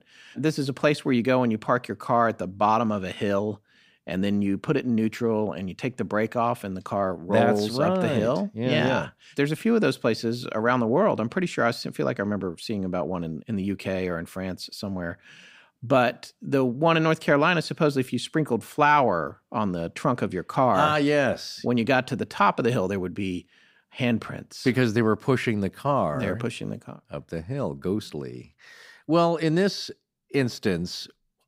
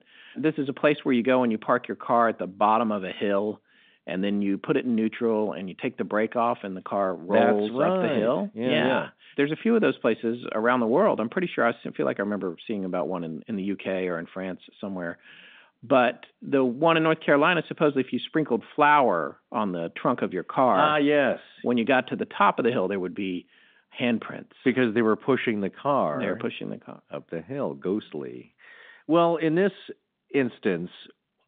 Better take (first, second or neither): first